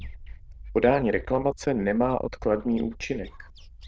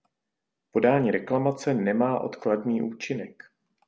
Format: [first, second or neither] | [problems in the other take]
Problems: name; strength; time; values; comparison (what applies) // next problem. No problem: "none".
second | noise reduction (neural diffusion model UNIVERSE++)